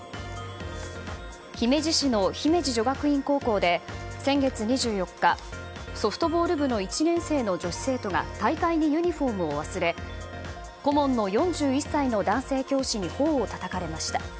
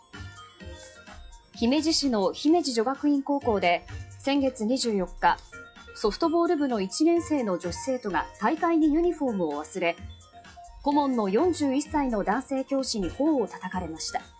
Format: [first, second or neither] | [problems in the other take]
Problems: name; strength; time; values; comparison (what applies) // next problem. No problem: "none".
first | noise reduction (classical method WPE with log-MMSE)